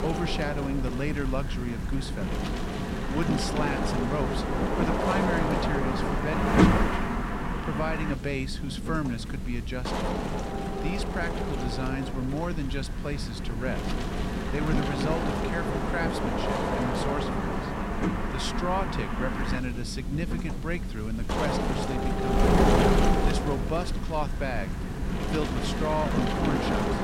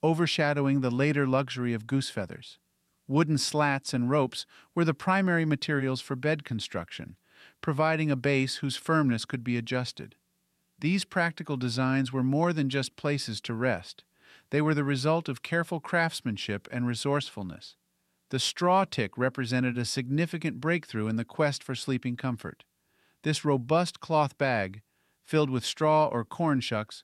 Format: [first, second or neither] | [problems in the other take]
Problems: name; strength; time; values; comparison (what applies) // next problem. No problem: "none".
second | wind noise on the microphone; heavy; 3 dB above the speech